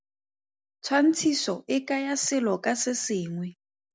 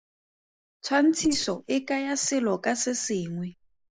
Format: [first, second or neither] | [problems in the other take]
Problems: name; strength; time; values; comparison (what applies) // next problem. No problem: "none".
first | noise reduction (neural mask model Resemble Enhance denoiser)